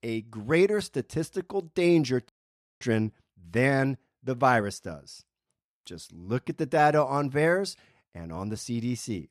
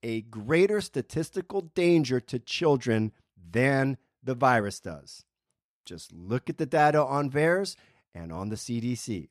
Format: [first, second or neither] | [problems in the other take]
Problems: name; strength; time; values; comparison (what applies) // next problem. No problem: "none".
second | audio cutting out; at 2.5 s for 0.5 s